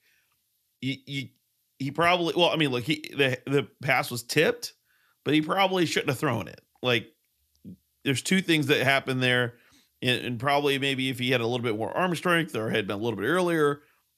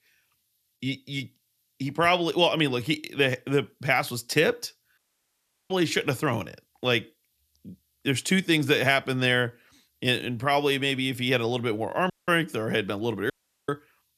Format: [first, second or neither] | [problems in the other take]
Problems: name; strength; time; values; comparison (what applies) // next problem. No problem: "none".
first | audio cutting out; at 5 s for 0.5 s, at 12 s and at 13 s